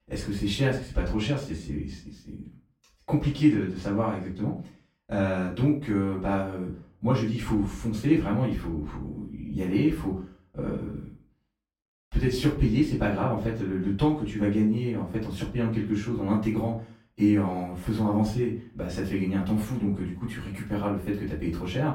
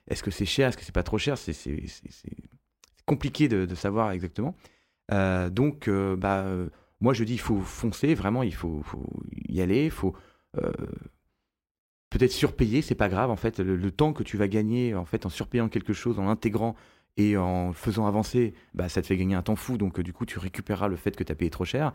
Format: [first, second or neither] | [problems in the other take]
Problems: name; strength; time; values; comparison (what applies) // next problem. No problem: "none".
second | off-mic speech; far // room echo; slight; dies away in 0.3 s